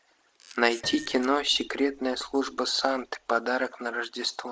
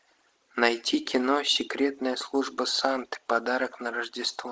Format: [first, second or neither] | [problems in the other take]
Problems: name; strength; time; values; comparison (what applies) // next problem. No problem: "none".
second | background sound (Camera + Piano); 20 dB below the speech